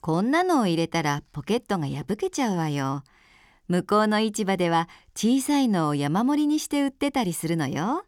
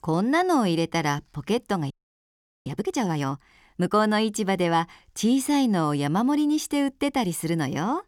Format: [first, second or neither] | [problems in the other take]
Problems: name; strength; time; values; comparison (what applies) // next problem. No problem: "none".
first | audio freezing; at 2 s for 1 s